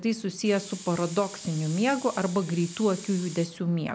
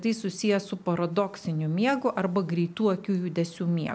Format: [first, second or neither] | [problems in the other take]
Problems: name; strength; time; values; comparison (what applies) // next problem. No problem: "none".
second | background sound (Hiss); 16 dB below the speech